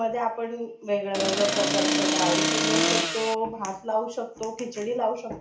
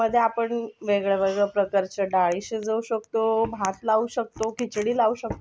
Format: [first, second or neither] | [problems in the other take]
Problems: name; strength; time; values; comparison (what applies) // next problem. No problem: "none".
second | background sound (Accelerating, revving, vroom); 4 dB above the speech // room echo; dies away in 0.4 s